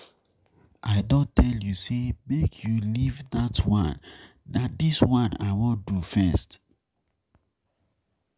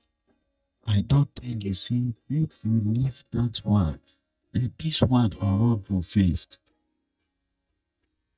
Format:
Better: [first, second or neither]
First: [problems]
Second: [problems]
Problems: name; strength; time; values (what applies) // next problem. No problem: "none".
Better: first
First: none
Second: noise reduction (neural mask model DeepFilterNet 3)